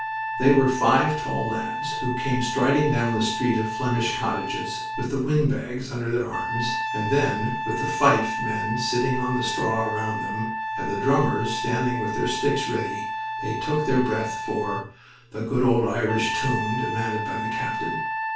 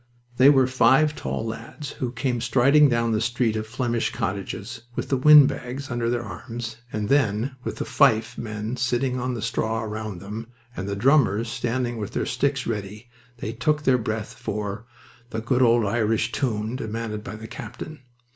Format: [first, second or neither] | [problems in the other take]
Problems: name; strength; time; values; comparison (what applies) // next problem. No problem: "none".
second | background sound (Trumpet); 5 dB below the speech // room echo; dies away in 0.3 s